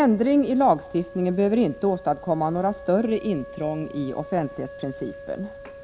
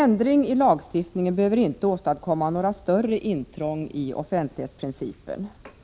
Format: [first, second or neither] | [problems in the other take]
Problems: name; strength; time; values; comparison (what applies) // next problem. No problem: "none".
second | background sound (Wind instrument, woodwind instrument); 17 dB below the speech